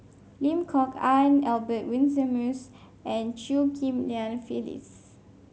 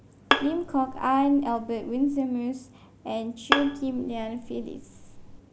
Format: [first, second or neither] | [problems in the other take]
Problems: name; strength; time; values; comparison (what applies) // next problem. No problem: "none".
first | background sound (Bowed string instrument); 3 dB below the speech